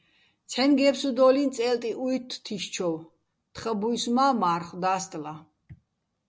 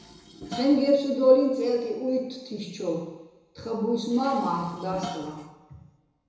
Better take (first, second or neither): first